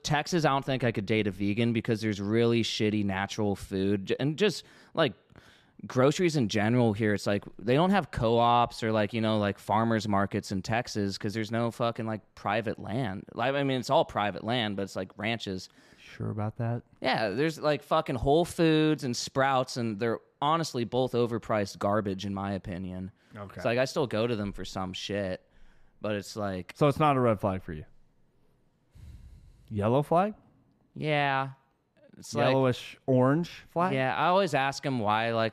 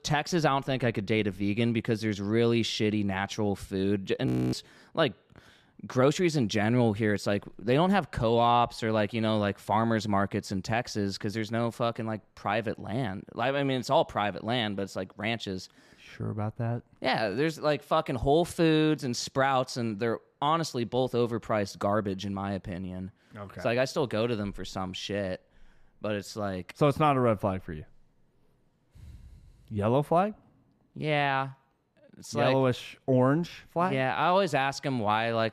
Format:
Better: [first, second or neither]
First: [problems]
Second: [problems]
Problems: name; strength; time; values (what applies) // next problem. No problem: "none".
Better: first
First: none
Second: audio freezing; at 4.5 s